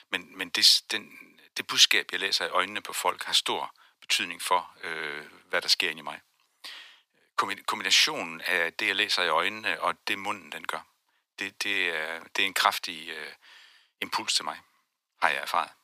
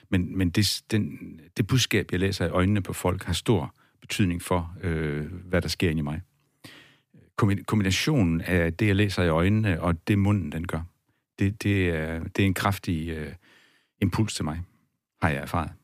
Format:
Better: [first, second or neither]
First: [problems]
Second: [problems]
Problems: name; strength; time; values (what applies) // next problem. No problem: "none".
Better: second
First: thin; very; fading below 850 Hz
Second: none